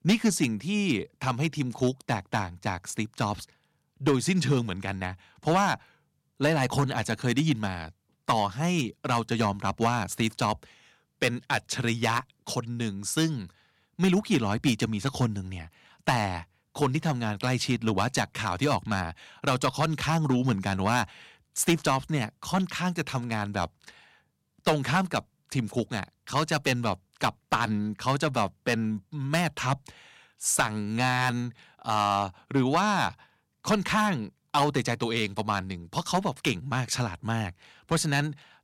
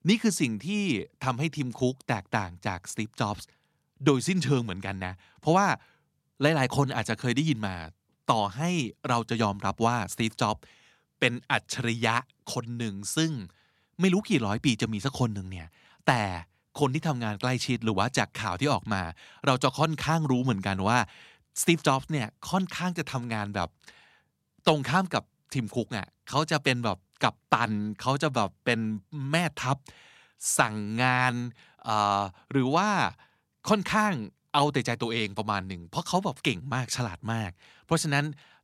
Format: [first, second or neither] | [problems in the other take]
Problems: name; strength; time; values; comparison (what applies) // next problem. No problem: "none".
second | distortion; slight; 1.8% of the sound clipped